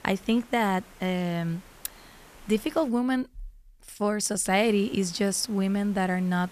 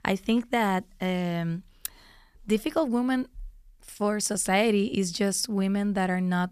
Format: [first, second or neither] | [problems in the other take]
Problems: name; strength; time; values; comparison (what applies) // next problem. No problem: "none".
second | hiss; faint; until 3 s and from 4.5 s on; 25 dB below the speech